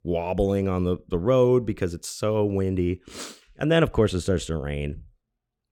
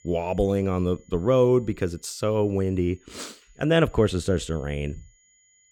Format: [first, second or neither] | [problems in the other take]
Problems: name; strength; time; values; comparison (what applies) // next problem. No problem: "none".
first | high-pitched whine; faint; throughout; 6.5 kHz, 35 dB below the speech